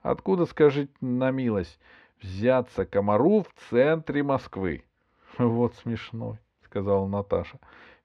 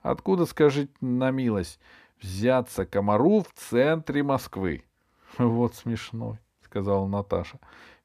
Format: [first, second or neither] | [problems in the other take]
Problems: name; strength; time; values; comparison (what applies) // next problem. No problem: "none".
second | muffled; slightly; fading above 3 kHz